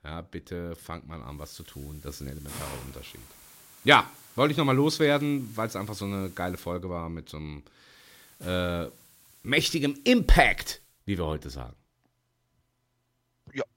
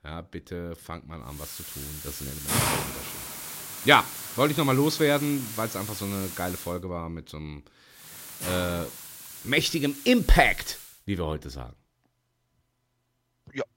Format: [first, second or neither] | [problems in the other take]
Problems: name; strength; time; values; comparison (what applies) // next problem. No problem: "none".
first | hiss; loud; from 1.5 to 6.5 s and from 8 to 11 s; 8 dB below the speech; faint in the first